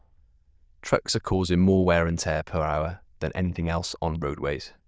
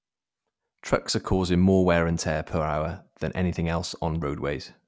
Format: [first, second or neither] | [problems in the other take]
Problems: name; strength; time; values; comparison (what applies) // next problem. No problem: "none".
second | noise reduction (neural diffusion model UNIVERSE++)